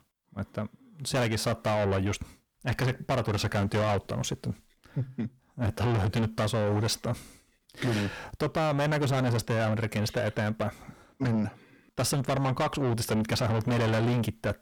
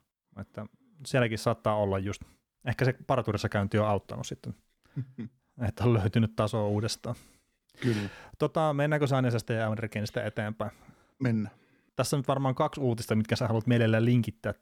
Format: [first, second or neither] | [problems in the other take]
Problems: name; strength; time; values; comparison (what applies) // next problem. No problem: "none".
second | distortion; heavy; 6 dB below the speech